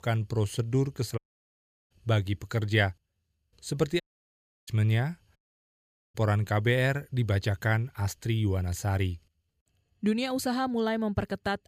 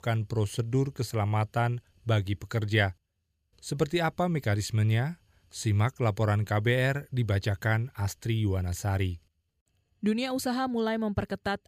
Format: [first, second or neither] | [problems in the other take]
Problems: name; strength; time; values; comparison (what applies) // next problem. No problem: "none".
second | audio cutting out; at 1 s for 0.5 s, at 4 s for 0.5 s and at 5.5 s for 1 s